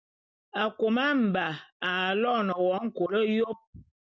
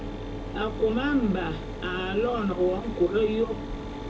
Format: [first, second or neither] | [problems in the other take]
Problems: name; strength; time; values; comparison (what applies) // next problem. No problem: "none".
first | background sound (Mechanisms); 7 dB below the speech // room echo; dies away in 0.2 s